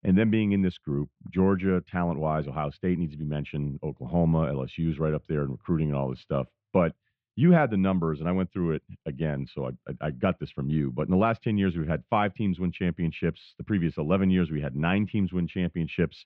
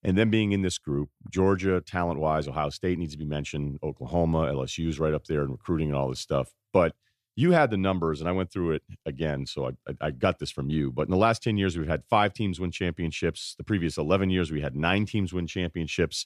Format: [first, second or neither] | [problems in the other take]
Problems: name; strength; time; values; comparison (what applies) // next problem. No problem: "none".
second | muffled; very; fading above 3 kHz